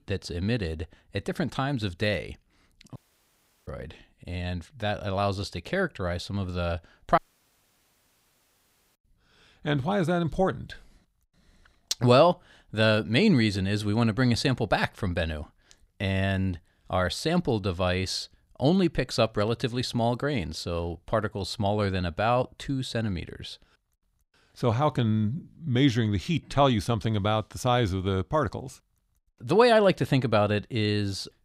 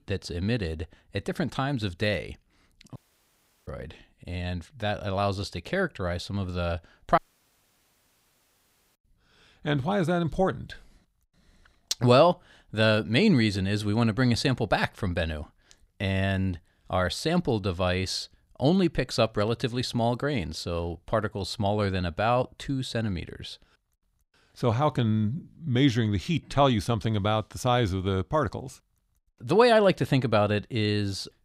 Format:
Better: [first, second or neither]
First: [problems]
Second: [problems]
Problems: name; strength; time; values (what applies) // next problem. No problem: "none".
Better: neither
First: audio cutting out; at 3 s for 0.5 s and at 7 s for 2 s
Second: audio cutting out; at 3 s for 0.5 s and at 7 s for 2 s